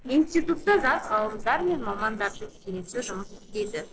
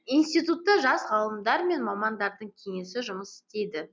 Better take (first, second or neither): second